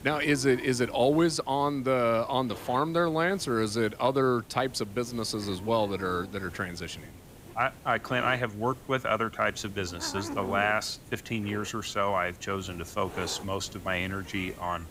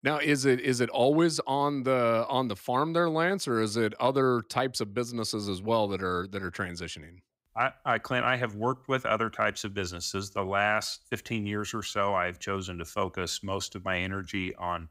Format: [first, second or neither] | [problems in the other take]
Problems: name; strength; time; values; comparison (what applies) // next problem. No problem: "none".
second | hiss; noticeable; throughout; 15 dB below the speech